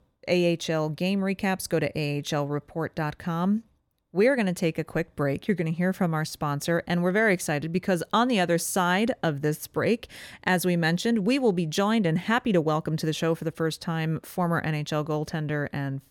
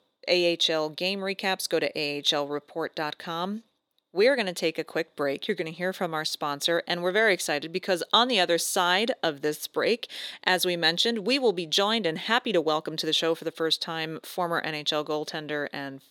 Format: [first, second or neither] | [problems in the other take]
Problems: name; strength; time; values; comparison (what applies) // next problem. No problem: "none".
first | thin; somewhat; fading below 400 Hz